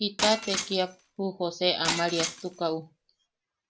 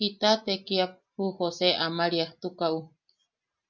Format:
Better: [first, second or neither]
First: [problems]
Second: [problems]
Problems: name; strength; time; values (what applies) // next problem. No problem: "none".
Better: second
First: background sound (Shatter); 6 dB below the speech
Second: none